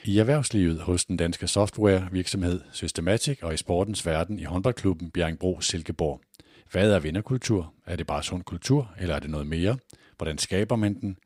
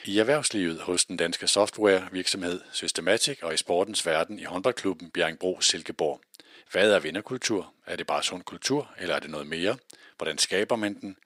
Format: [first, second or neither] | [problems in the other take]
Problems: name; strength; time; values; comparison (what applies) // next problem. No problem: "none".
first | thin; somewhat; fading below 350 Hz